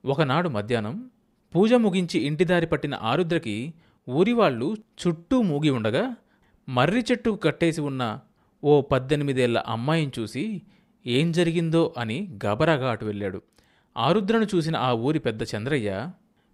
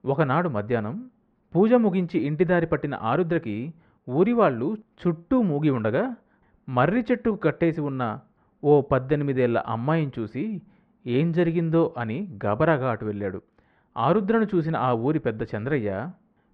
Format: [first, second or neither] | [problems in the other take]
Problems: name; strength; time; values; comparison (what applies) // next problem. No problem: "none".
first | muffled; very; fading above 1.5 kHz